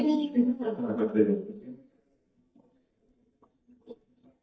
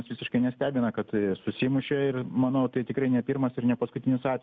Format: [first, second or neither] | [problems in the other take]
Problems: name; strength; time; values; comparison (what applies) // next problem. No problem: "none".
second | noise reduction (neural mask model DeepFilterNet 3)